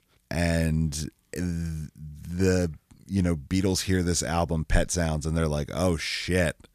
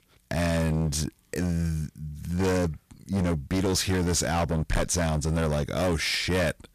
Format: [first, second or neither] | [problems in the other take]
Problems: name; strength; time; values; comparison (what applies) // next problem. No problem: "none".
first | distortion; heavy; 19% of the sound clipped